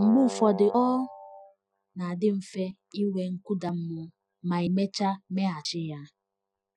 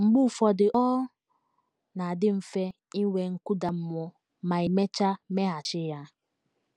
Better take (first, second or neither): second